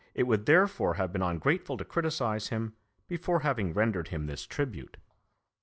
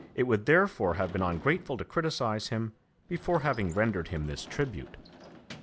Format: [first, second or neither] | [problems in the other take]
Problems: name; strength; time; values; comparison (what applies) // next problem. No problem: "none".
first | background sound (Sliding door / Slam); 20 dB below the speech